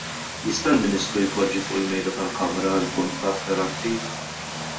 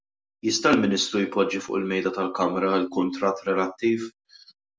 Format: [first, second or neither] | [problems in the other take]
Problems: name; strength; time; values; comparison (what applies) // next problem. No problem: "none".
second | background sound (Vehicle); 6 dB below the speech // room echo; dies away in 0.2 s